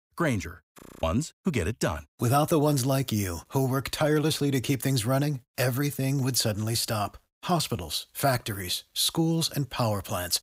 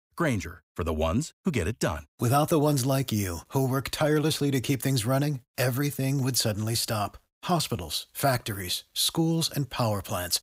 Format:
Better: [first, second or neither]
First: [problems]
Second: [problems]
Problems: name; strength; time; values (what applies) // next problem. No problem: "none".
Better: second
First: audio freezing; at 1 s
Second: none